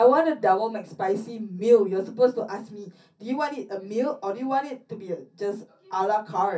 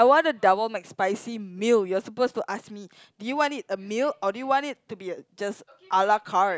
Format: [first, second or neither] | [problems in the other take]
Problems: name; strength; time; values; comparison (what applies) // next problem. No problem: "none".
second | room echo; dies away in 0.3 s